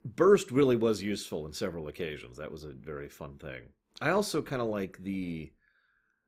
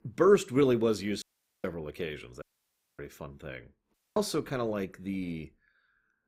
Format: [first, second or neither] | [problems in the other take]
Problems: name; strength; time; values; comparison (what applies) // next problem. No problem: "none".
first | audio cutting out; at 1 s, at 2.5 s for 0.5 s and at 4 s